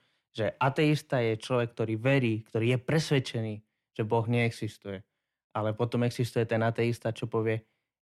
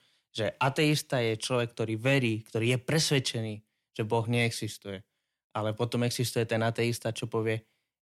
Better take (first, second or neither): second